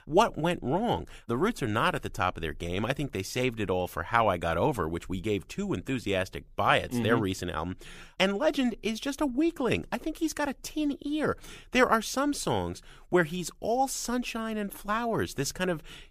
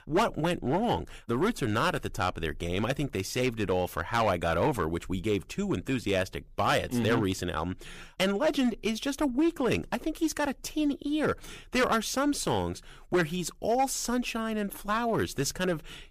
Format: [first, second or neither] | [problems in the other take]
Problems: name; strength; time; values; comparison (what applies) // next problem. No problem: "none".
first | distortion; slight; 4% of the sound clipped